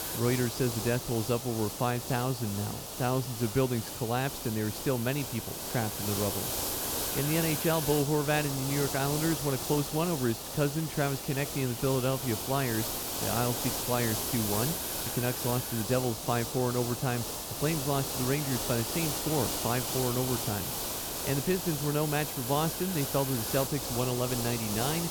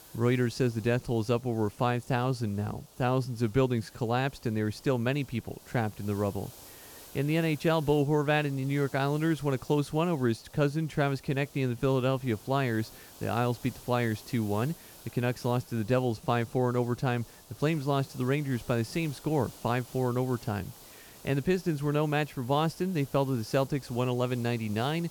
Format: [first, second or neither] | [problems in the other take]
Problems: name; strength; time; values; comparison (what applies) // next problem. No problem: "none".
second | hiss; loud; throughout; 2 dB below the speech; faint in the second